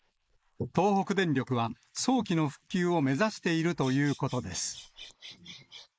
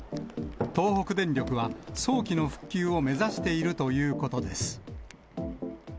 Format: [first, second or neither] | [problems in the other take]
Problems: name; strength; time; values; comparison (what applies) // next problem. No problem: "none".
second | noise reduction (neural mask model Resemble Enhance denoiser)